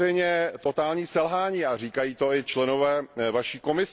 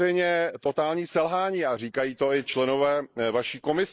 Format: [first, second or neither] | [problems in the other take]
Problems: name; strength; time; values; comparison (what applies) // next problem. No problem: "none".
first | noise reduction (neural mask model Resemble Enhance denoiser)